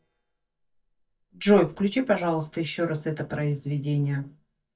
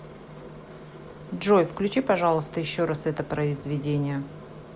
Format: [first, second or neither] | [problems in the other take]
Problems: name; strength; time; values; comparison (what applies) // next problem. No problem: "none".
second | noise reduction (neural mask model DeepFilterNet 3)